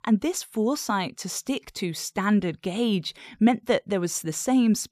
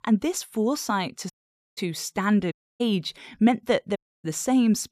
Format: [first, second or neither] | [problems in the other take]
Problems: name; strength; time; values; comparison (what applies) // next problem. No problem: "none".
first | audio cutting out; at 1.5 s, at 2.5 s and at 4 s